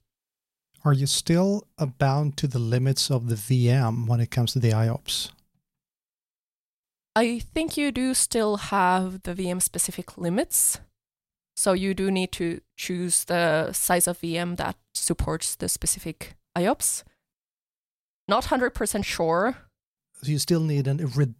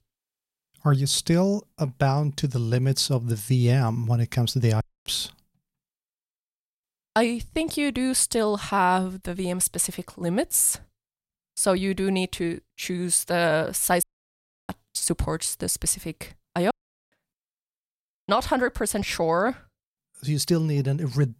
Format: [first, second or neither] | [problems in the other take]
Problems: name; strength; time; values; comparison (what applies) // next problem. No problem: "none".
first | audio cutting out; at 5 s, at 14 s for 0.5 s and at 17 s